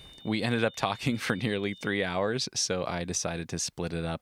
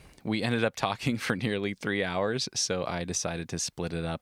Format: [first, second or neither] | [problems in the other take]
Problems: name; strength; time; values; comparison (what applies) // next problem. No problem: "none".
second | high-pitched whine; noticeable; until 2 s; 3.5 kHz, 20 dB below the speech